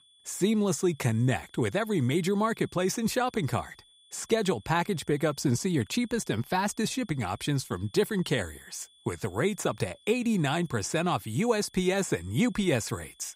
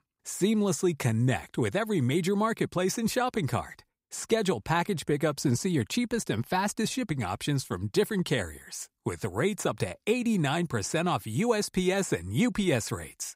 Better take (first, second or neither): second